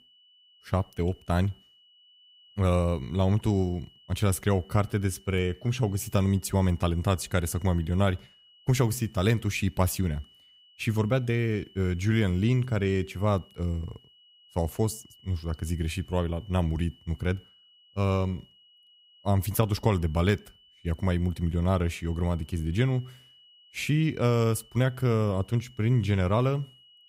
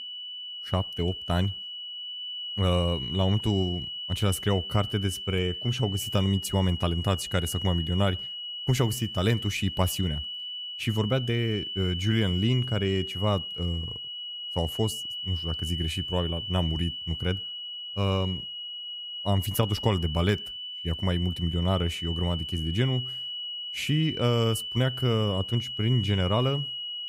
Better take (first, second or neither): first